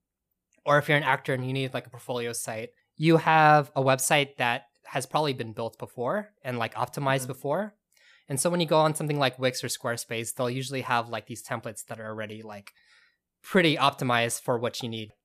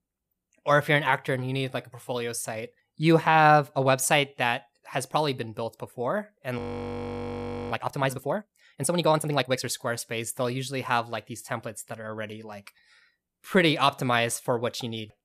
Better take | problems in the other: first | audio freezing; at 6.5 s for 1 s

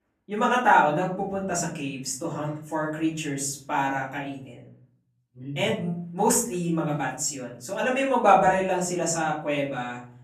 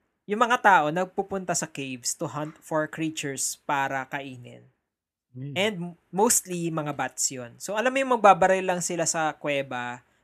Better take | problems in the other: second | room echo; slight; dies away in 0.6 s // off-mic speech; far

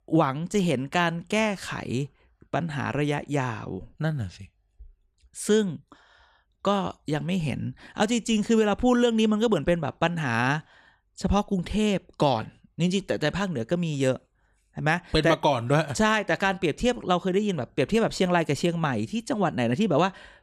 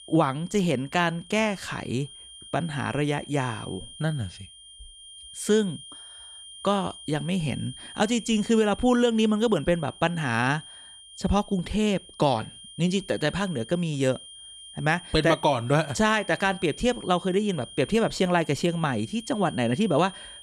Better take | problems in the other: first | high-pitched whine; noticeable; throughout; 3 kHz, 15 dB below the speech

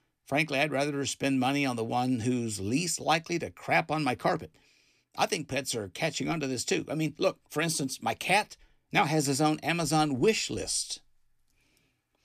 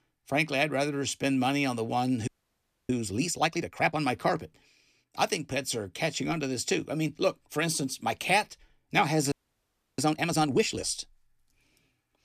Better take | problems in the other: first | audio freezing; at 2.5 s for 0.5 s and at 9.5 s for 0.5 s

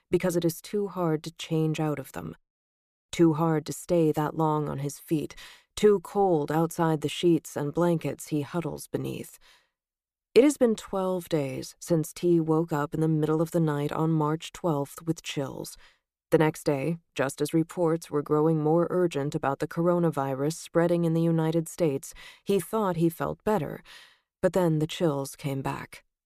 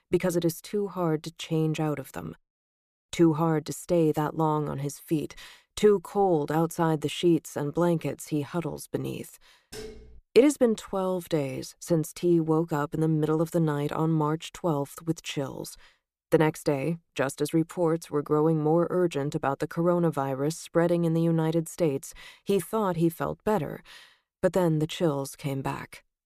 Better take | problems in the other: first | clattering dishes; faint; at 9.5 s; peak 15 dB below the speech

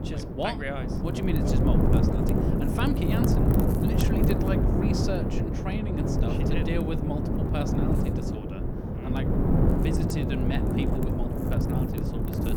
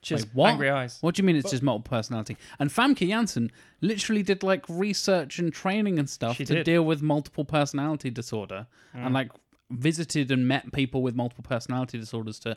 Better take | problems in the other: second | wind noise on the microphone; heavy; 3 dB above the speech

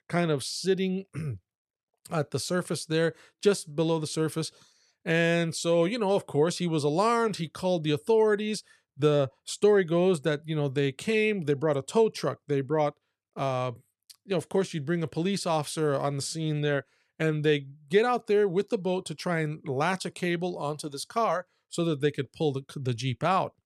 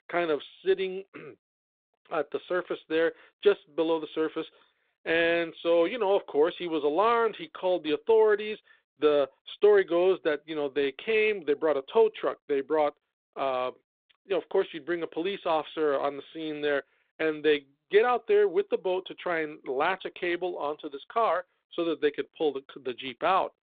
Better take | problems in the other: first | phone-call audio; nothing above 3.5 kHz

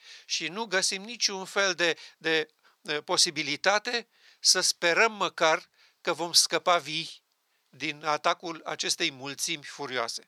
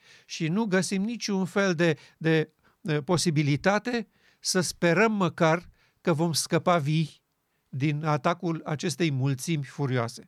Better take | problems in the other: second | thin; very; fading below 550 Hz

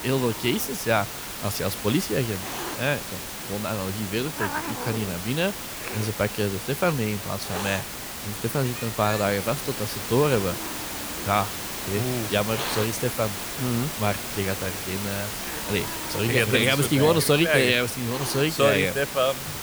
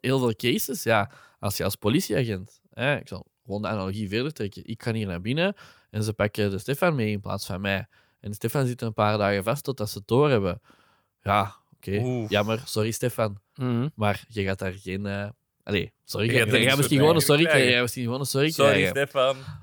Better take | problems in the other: second | hiss; loud; throughout; 5 dB below the speech

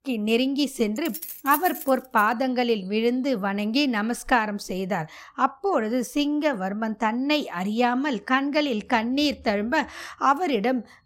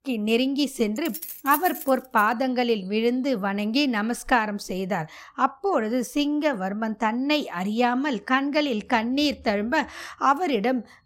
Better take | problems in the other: neither | jangling keys; noticeable; from 1 to 2 s; peak 7 dB below the speech; the same in both

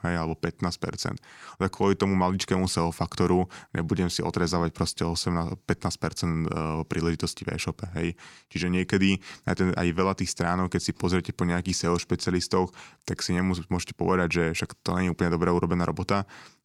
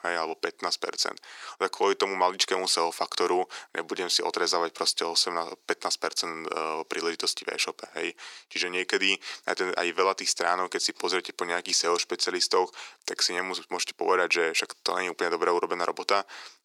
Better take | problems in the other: first | thin; very; fading below 400 Hz

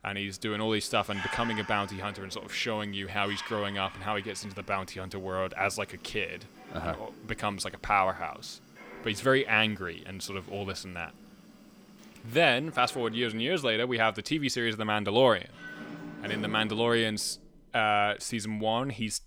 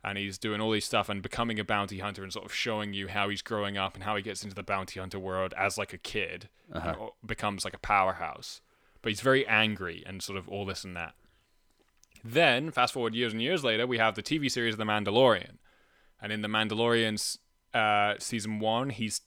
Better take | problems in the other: second | animal sounds; noticeable; throughout; 15 dB below the speech

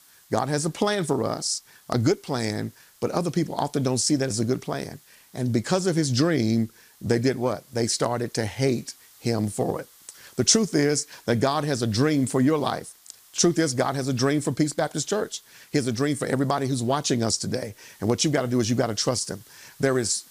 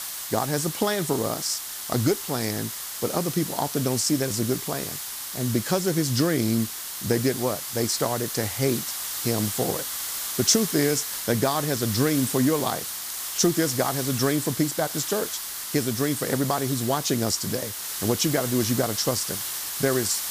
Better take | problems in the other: first | hiss; loud; throughout; 4 dB below the speech; faint in the first

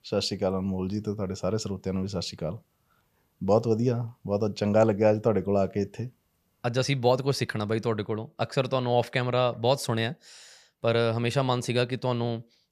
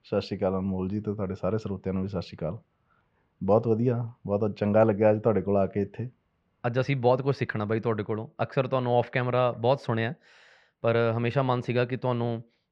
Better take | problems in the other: first | muffled; slightly; fading above 2 kHz

